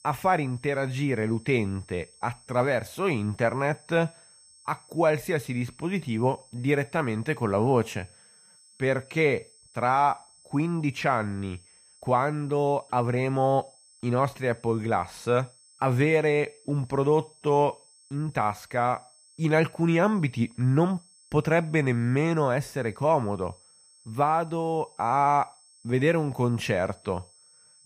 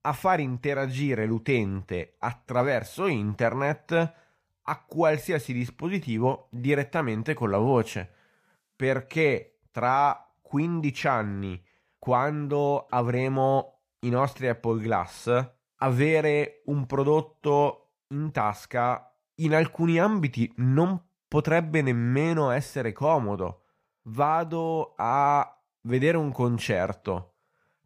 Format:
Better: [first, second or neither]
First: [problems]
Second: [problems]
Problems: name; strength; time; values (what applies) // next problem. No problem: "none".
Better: second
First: high-pitched whine; faint; throughout; 8 kHz, 25 dB below the speech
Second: none